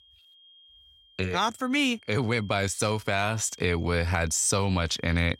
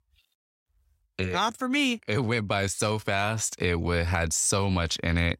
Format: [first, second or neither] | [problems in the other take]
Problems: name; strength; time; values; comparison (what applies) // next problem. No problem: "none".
second | high-pitched whine; faint; throughout; 3 kHz, 25 dB below the speech